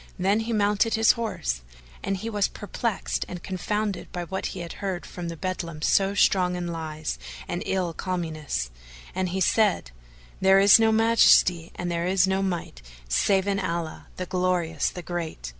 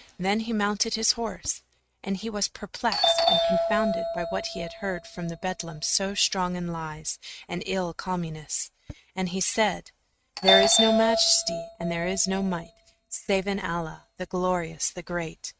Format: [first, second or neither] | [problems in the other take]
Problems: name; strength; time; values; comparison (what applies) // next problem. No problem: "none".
first | noise reduction (neural mask model RNNoise)